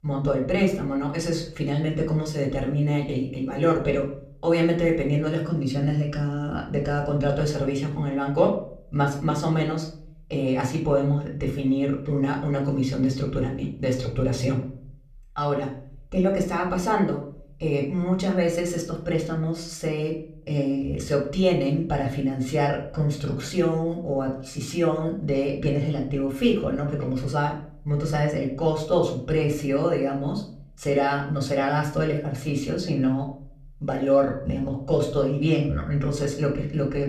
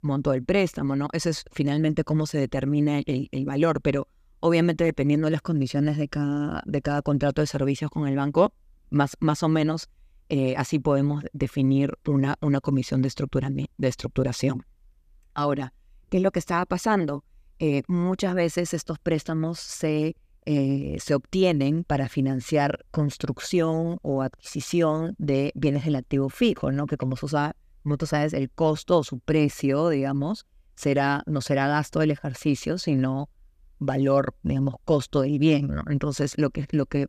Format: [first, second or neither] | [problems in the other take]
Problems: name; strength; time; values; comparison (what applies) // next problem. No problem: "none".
second | room echo; slight; dies away in 0.4 s // off-mic speech; somewhat distant